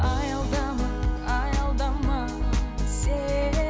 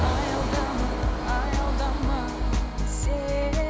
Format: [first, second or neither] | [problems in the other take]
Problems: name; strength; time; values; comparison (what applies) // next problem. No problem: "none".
first | background sound (Engine); 9 dB below the speech